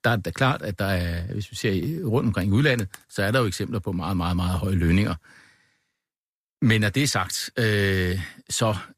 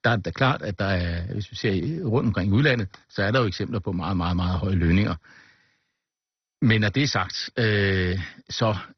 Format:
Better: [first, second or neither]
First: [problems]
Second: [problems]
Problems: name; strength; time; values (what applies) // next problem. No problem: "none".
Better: first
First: none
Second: garbled, watery; badly; nothing above 6 kHz